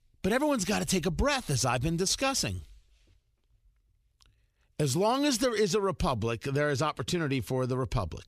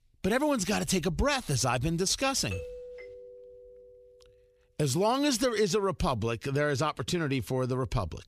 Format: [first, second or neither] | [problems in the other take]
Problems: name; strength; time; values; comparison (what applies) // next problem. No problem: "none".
first | doorbell; faint; from 2.5 to 4 s; peak 10 dB below the speech